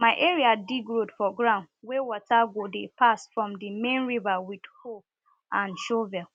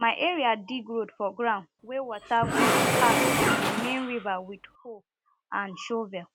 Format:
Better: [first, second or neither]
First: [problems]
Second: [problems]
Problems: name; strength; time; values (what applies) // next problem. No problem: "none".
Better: first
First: none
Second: background sound (Engine / Mechanisms); 4 dB above the speech